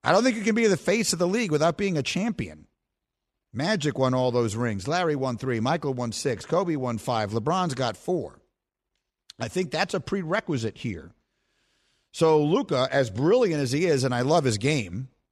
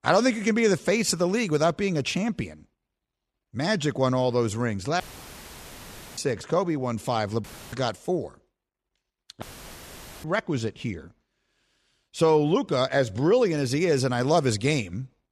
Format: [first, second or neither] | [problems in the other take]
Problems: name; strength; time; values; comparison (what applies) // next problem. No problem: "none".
first | audio cutting out; filled with static; at 5 s for 1 s, at 7.5 s and at 9.5 s for 1 s